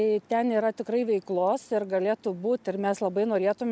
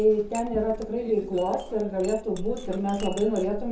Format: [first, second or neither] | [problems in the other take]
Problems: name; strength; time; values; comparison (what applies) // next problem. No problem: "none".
first | background sound (Chink, clink); 11 dB below the speech // room echo; dies away in 0.6 s